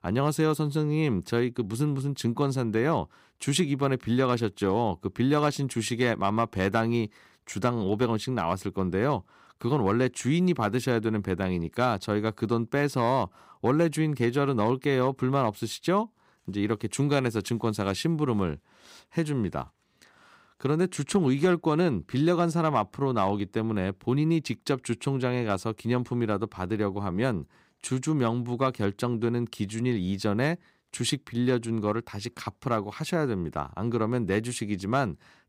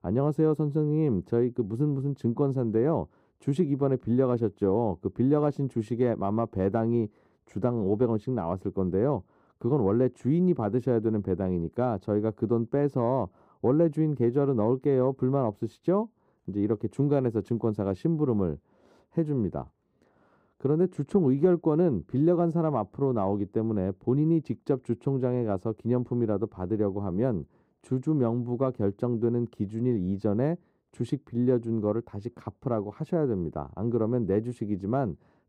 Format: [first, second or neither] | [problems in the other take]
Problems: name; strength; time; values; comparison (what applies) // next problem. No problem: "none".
first | muffled; very; fading above 1.5 kHz